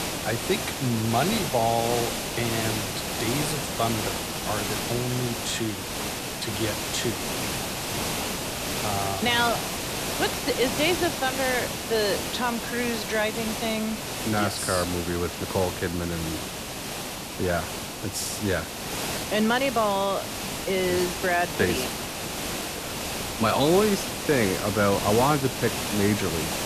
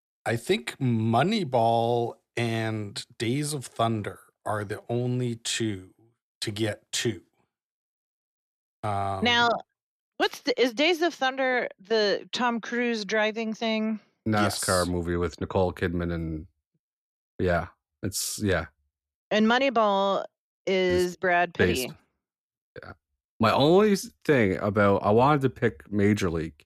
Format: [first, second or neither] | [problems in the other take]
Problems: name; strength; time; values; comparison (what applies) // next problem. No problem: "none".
second | hiss; loud; throughout; 3 dB below the speech